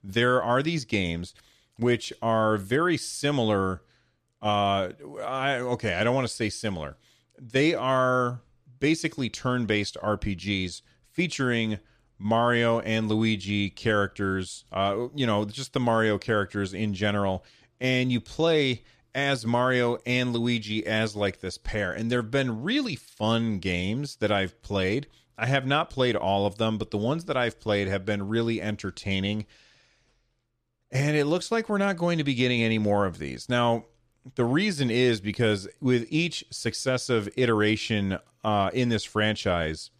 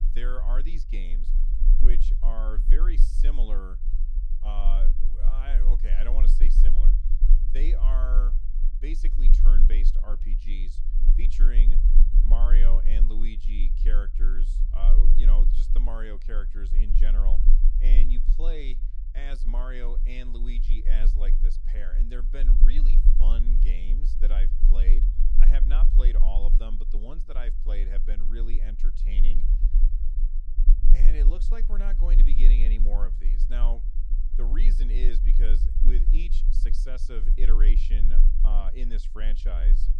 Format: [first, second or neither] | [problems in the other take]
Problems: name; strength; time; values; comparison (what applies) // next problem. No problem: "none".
first | low rumble; loud; throughout; 8 dB below the speech